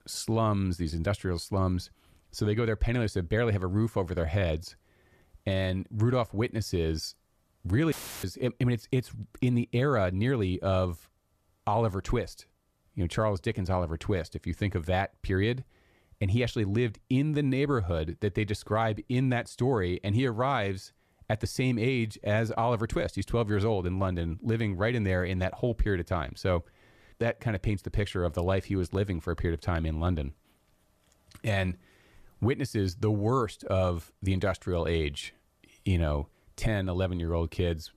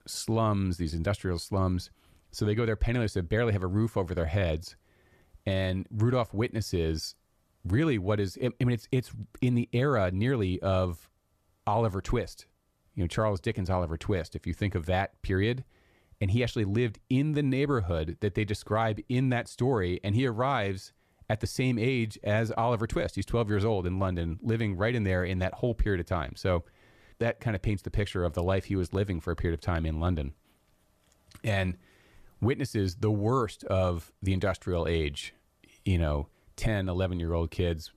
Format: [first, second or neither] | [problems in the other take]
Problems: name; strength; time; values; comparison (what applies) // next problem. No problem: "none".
second | audio cutting out; filled with static; at 8 s